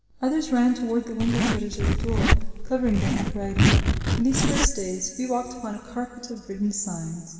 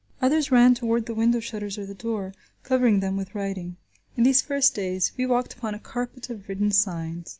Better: second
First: background sound (Zipper (clothing)); 4 dB above the speech // room echo; dies away in 2.5 s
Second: none

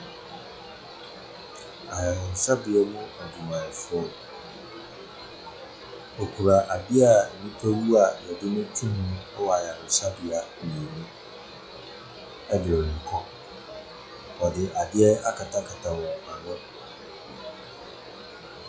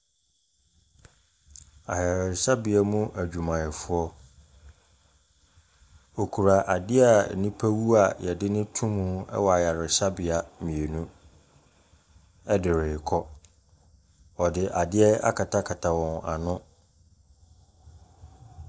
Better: second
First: noise reduction (classical method log-MMSE)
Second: none

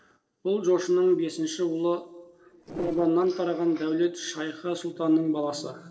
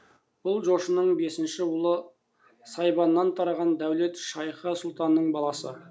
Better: second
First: noise reduction (neural separator model SepFormer DNS4)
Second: none

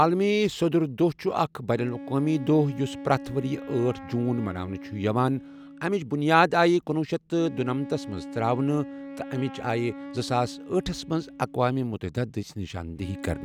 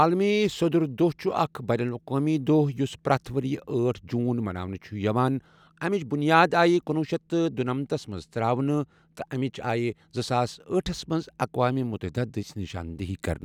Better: second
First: background sound (Wind instrument, woodwind instrument); 15 dB below the speech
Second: none

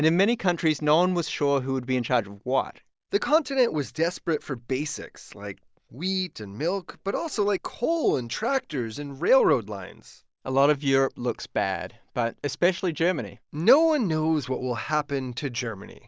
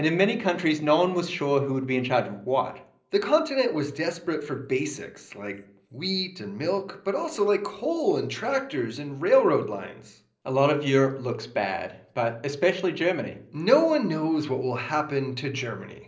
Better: first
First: none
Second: room echo; dies away in 0.5 s

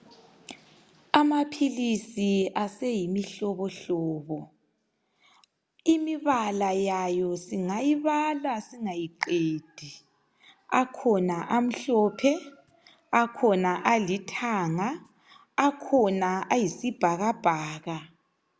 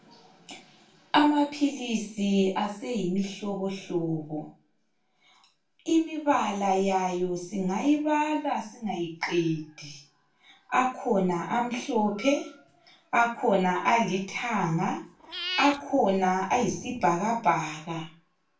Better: first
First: none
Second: background sound (Meow / Purr); 11 dB below the speech // room echo; dies away in 0.3 s

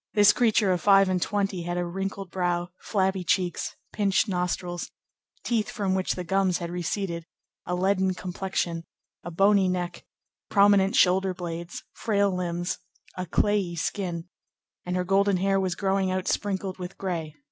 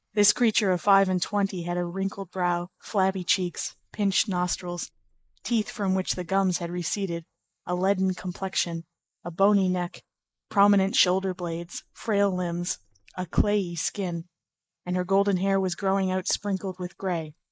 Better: first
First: none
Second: noise reduction (neural mask model Resemble Enhance denoiser)

